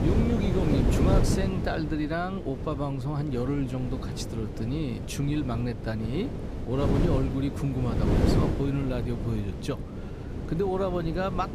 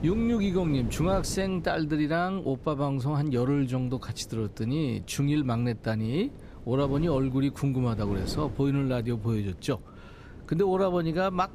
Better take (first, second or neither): second